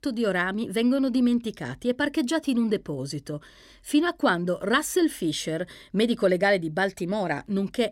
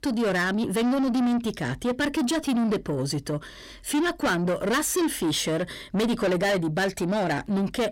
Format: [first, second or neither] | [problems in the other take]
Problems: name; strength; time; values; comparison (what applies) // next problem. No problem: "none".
first | distortion; heavy; 7 dB below the speech